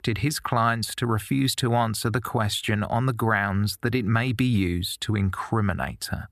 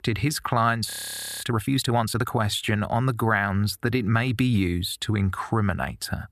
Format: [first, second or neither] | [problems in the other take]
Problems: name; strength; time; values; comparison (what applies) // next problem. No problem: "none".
first | audio freezing; at 1 s for 0.5 s